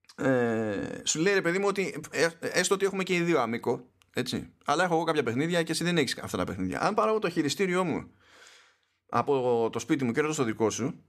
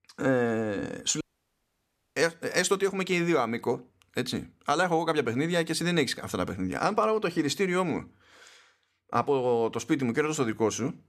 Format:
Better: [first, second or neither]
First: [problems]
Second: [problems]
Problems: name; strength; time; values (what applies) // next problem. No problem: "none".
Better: first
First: none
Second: audio cutting out; at 1 s for 1 s